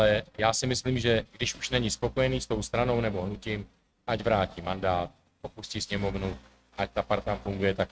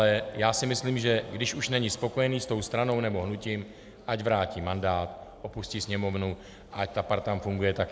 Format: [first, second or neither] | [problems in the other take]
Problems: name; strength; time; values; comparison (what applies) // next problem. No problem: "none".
second | noise reduction (neural mask model RNNoise)